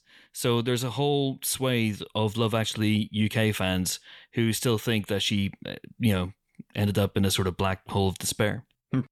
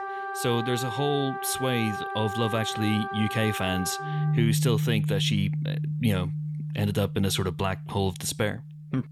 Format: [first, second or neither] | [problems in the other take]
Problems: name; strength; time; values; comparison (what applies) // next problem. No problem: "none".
first | background music; loud; throughout; 3 dB below the speech